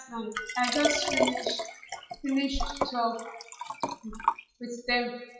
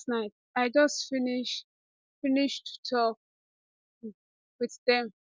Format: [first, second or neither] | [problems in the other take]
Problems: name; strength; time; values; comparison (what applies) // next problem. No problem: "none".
second | noise reduction (classical method WPE with log-MMSE)